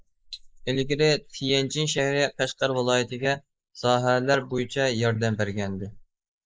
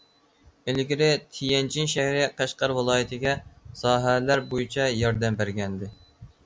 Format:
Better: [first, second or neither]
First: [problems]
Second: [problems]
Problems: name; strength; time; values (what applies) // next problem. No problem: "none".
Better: second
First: noise reduction (neural mask model Resemble Enhance denoiser)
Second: none